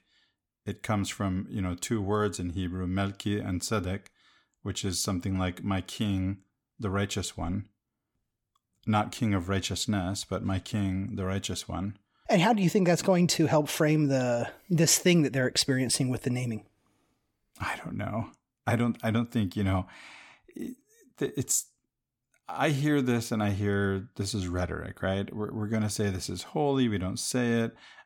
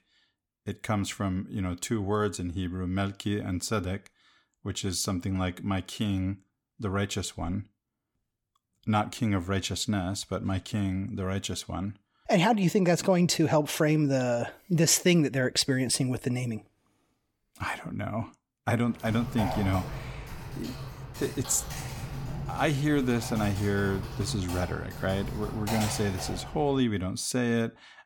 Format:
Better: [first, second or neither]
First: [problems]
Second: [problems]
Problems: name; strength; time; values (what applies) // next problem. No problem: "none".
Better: first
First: none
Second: keyboard typing; noticeable; from 19 to 27 s; peak 4 dB below the speech